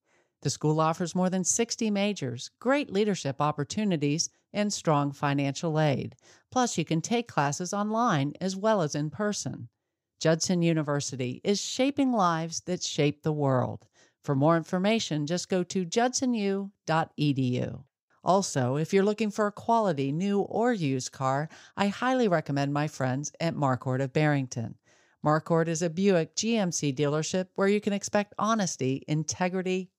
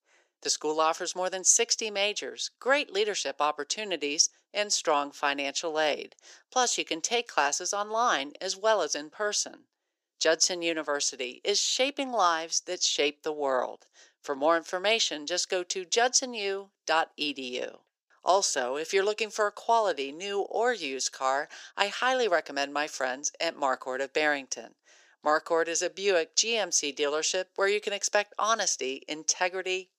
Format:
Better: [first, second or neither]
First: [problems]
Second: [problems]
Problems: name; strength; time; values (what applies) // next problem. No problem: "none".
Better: first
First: none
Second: thin; very; fading below 350 Hz